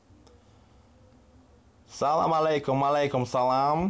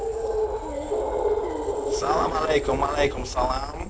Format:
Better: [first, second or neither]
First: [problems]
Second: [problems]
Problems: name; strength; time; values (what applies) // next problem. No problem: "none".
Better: first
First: none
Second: noise reduction (neural separator model SepFormer DNS4)